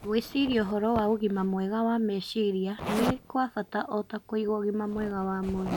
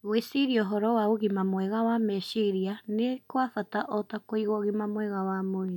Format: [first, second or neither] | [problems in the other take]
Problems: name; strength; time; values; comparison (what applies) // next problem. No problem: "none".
second | background sound (Zipper (clothing)); 11 dB below the speech